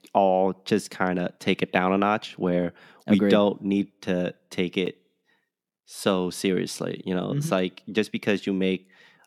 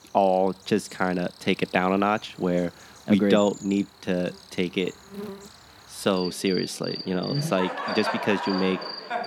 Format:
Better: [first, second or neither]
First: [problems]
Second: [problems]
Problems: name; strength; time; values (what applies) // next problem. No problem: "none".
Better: first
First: none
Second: animal sounds; loud; throughout; 9 dB below the speech